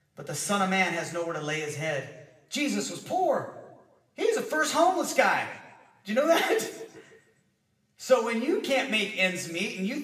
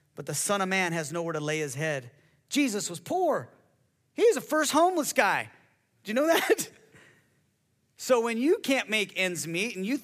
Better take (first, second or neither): second